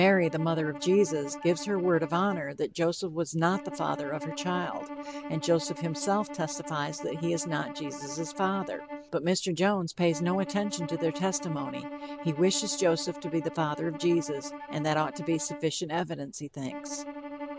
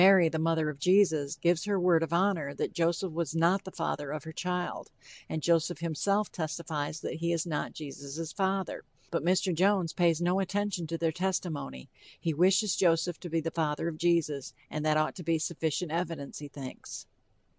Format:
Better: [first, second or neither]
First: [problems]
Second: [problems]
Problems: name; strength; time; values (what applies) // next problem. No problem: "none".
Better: second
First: background sound (Bowed string instrument); 11 dB below the speech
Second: none